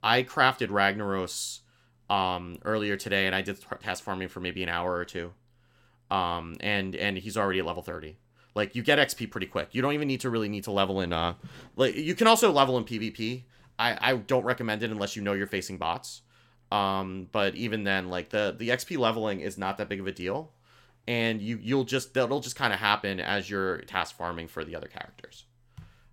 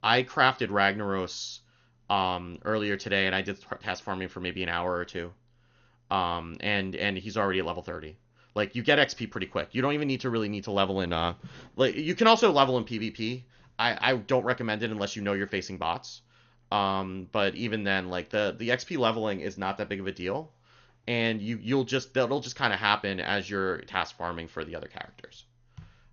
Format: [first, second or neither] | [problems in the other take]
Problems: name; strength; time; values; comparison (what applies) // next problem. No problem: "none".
first | garbled, watery; slightly; nothing above 6.5 kHz